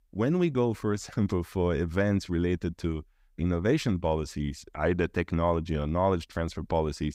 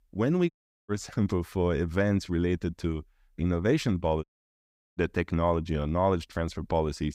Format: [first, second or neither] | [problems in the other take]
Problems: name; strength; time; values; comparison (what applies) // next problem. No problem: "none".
first | audio cutting out; at 0.5 s and at 4 s for 0.5 s